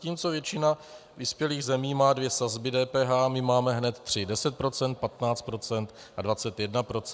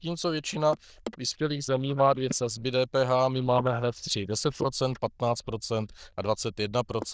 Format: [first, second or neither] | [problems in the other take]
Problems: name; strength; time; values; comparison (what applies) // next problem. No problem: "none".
first | noise reduction (neural diffusion model UNIVERSE++)